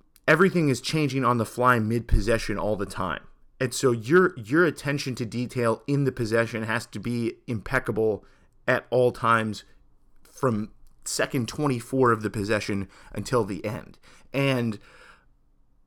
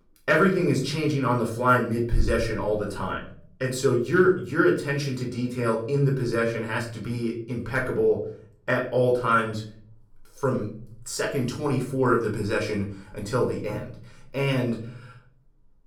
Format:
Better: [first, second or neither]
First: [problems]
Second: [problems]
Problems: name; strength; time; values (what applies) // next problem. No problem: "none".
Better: first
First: none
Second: off-mic speech; far // room echo; slight; dies away in 0.5 s